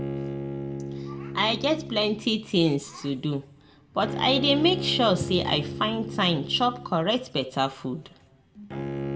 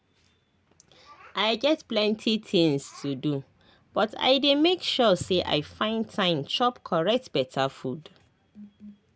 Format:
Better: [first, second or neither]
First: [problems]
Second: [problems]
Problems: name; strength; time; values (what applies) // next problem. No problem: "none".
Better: second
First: background sound (Bowed string instrument); 8 dB below the speech // room echo; dies away in 0.4 s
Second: none